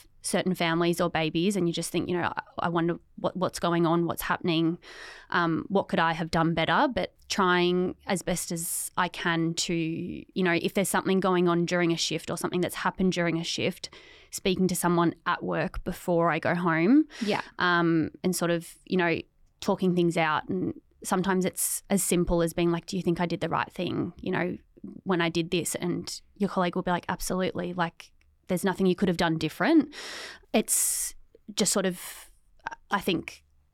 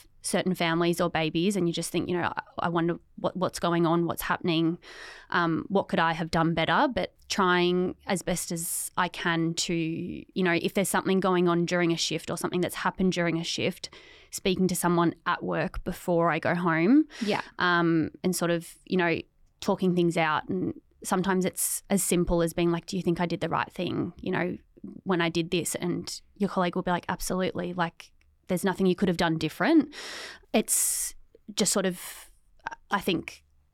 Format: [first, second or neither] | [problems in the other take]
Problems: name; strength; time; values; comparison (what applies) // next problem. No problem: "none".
neither | none